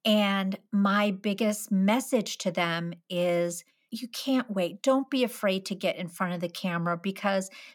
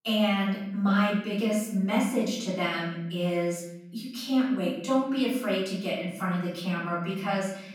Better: first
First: none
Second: room echo; noticeable; dies away in 1 s // off-mic speech; far

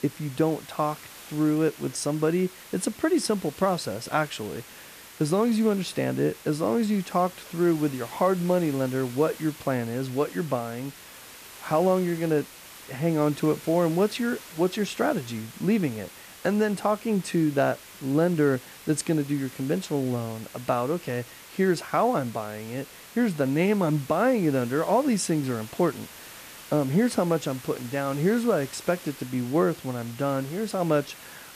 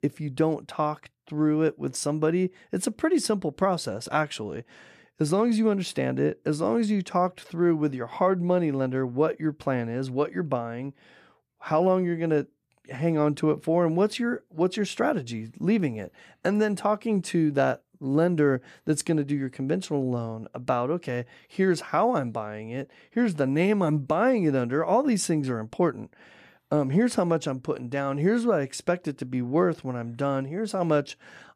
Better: second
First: hiss; noticeable; throughout; 15 dB below the speech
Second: none

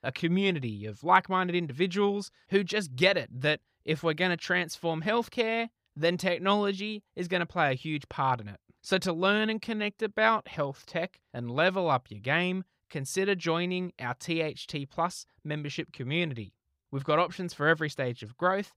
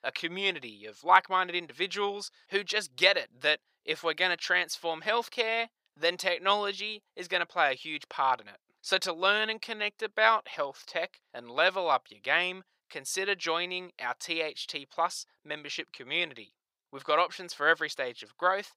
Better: first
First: none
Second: thin; very; fading below 550 Hz

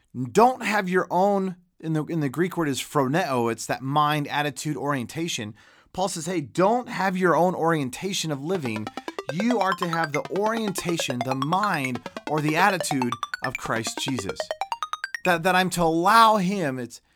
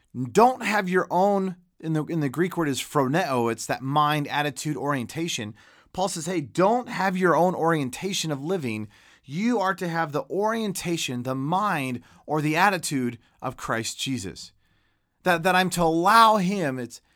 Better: second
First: phone ringing; noticeable; from 8.5 to 15 s; peak 6 dB below the speech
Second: none

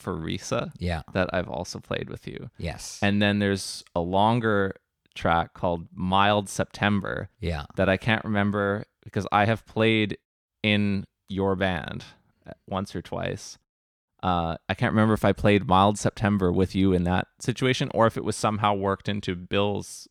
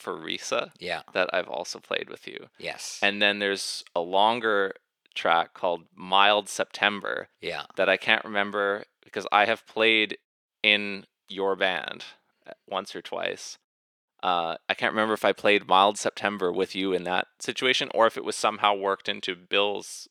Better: first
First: none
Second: thin; somewhat; fading below 450 Hz

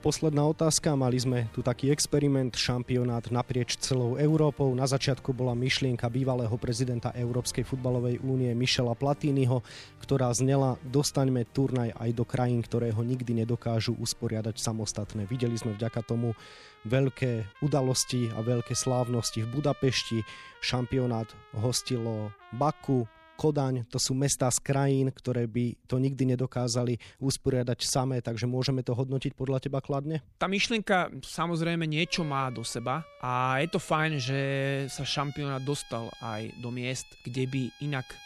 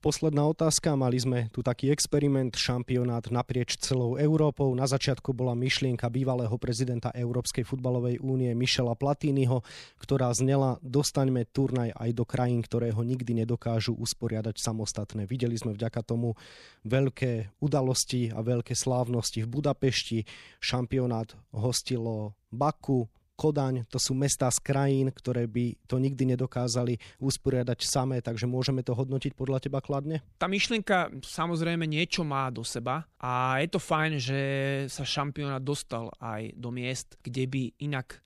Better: second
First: background music; faint; throughout; 20 dB below the speech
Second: none

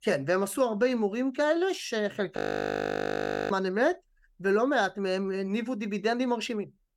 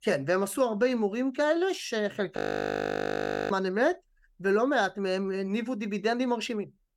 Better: neither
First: audio freezing; at 2.5 s for 1 s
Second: audio freezing; at 2.5 s for 1 s

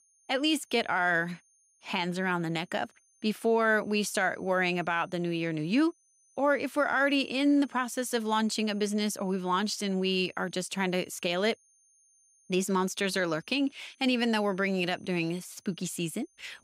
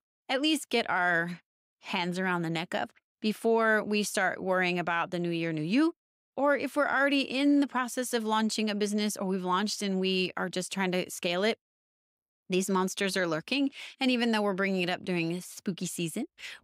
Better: second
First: high-pitched whine; faint; throughout; 6.5 kHz, 35 dB below the speech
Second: none

